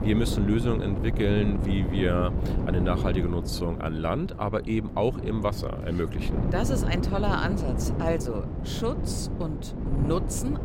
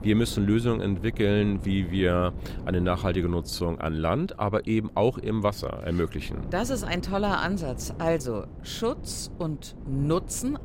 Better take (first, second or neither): second